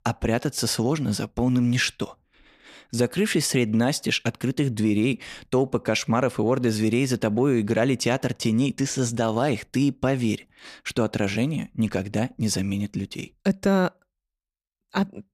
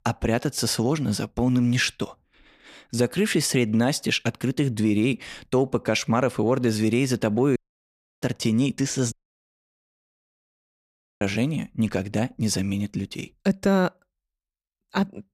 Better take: first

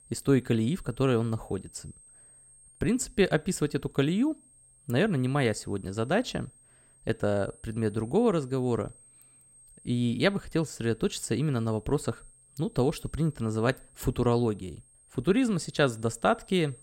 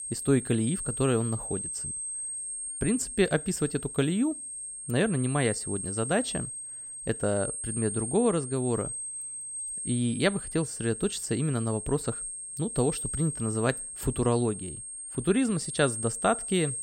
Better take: first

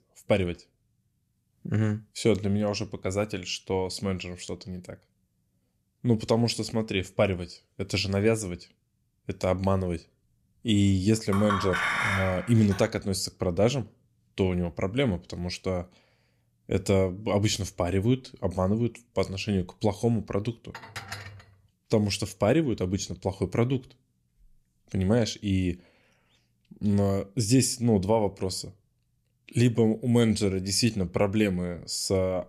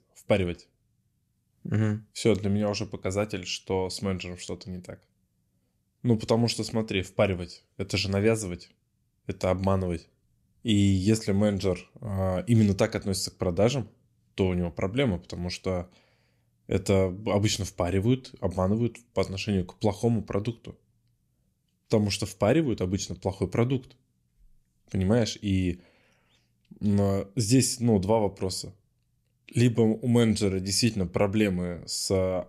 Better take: second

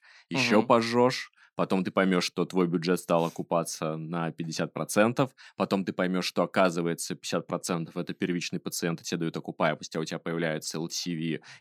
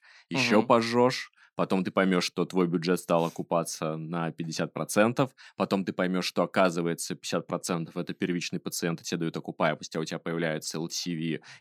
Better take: neither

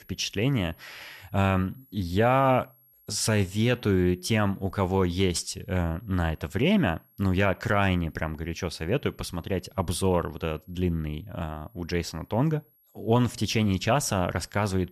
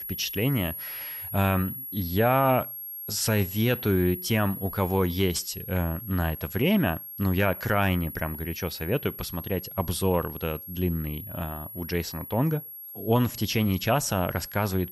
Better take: first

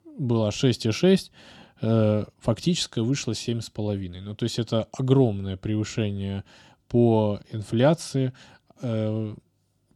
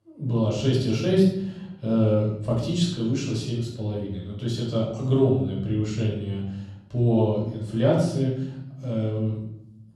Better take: first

